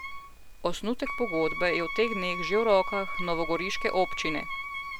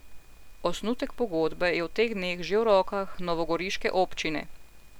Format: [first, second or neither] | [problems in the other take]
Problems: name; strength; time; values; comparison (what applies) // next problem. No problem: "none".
second | background sound (Wind instrument, woodwind instrument); 7 dB below the speech